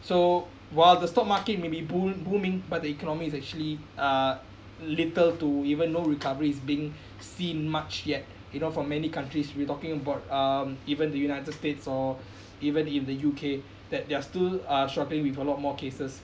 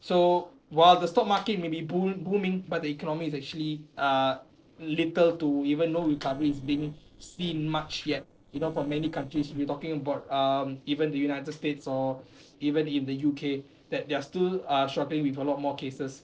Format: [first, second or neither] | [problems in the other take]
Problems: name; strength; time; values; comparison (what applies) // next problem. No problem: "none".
first | noise reduction (neural separator model SepFormer DNS4)